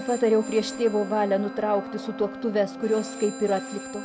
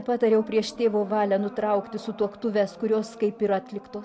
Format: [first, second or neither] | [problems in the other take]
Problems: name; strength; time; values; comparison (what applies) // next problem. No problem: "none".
second | background sound (Telephone + Wind instrument, woodwind instrument); 11 dB below the speech